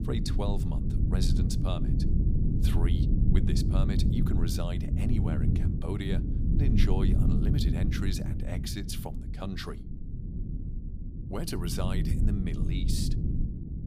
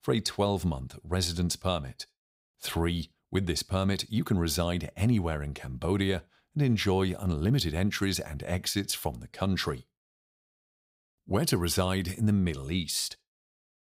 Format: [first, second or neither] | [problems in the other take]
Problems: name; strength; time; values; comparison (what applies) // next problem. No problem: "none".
second | low rumble; loud; throughout; 1 dB below the speech